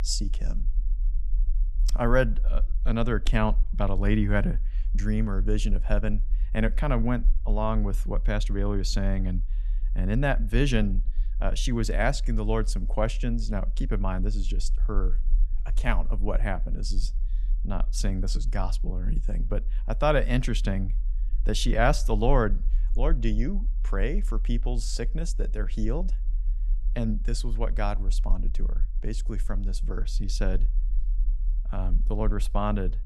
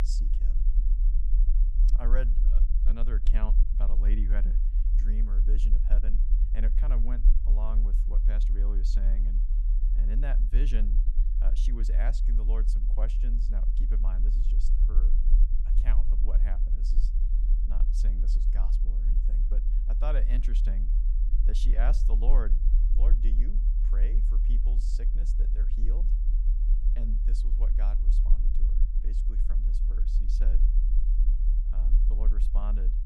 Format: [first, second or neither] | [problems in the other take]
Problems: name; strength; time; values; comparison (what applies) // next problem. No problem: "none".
first | low rumble; loud; throughout; 6 dB below the speech; faint in the first